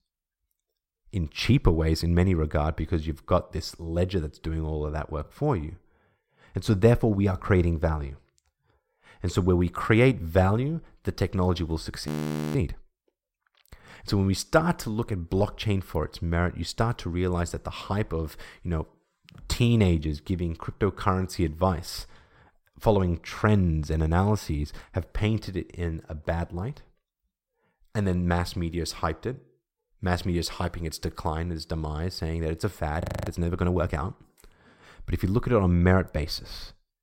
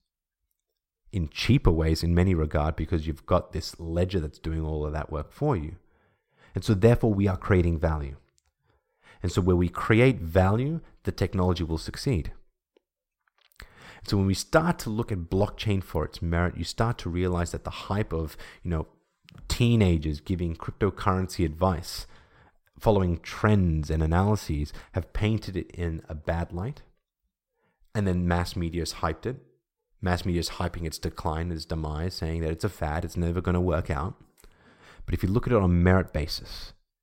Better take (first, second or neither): second